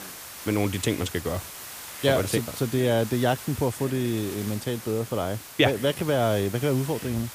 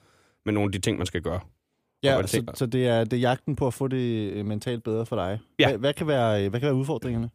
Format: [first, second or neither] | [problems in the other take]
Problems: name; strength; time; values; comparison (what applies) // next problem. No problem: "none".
second | hiss; noticeable; throughout; 10 dB below the speech